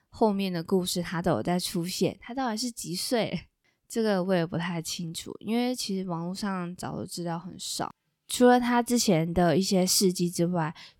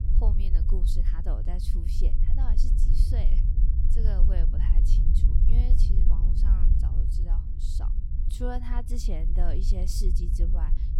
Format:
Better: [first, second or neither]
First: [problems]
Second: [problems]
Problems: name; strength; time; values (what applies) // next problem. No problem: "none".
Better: first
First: none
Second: low rumble; loud; throughout; 3 dB below the speech